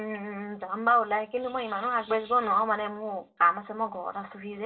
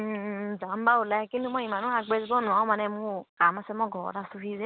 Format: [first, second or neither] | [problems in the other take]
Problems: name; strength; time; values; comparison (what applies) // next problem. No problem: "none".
second | room echo; dies away in 0.2 s